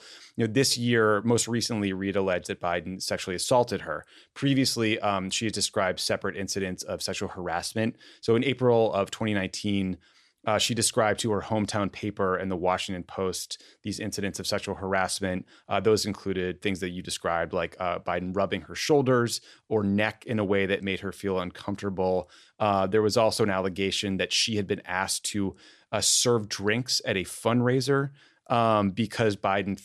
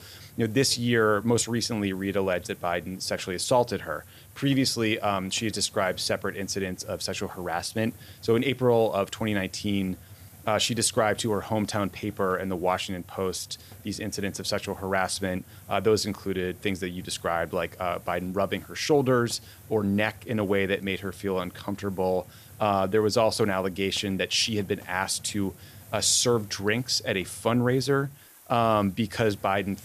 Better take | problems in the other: first | hiss; faint; throughout; 20 dB below the speech

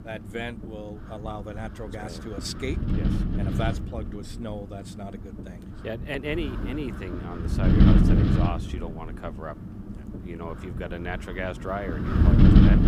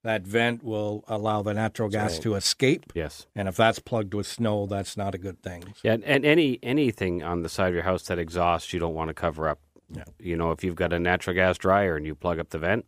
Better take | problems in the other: second | wind noise on the microphone; heavy; 3 dB above the speech

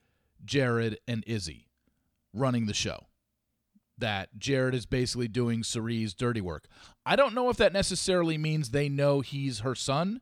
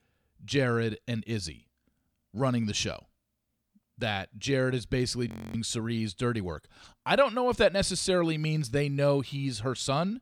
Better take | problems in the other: first | audio freezing; at 5.5 s

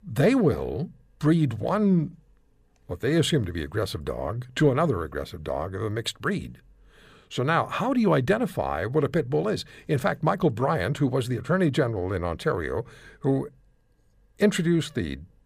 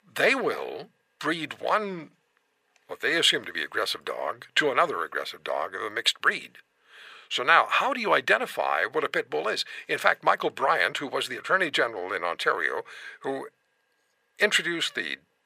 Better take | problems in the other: first | thin; very; fading below 600 Hz

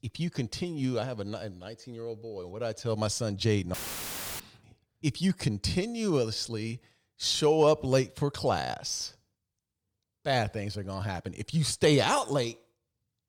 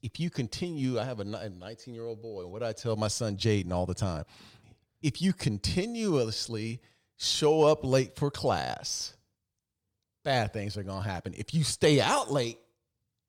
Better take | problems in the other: second | audio cutting out; filled with static; at 3.5 s for 0.5 s

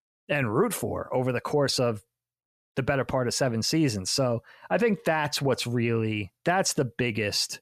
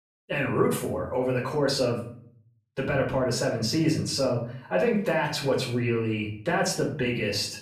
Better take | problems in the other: first | off-mic speech; far // room echo; slight; dies away in 0.5 s

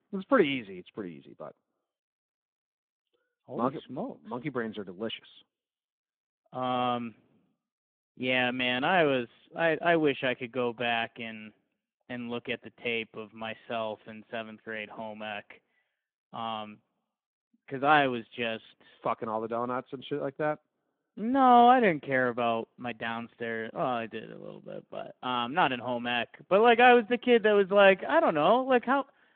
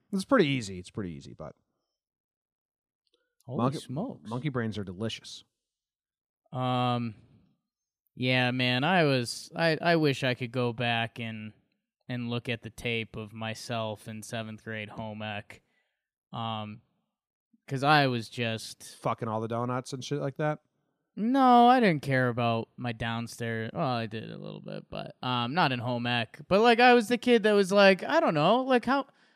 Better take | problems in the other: second | phone-call audio; nothing above 3.5 kHz

